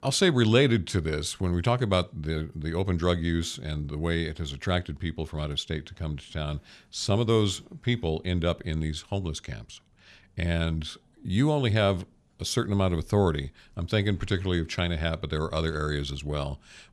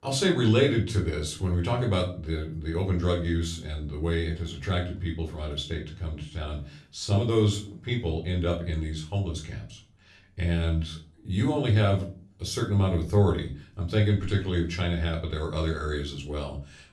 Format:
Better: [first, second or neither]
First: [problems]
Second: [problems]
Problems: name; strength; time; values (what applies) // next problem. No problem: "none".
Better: first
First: none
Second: room echo; slight; dies away in 0.3 s // off-mic speech; far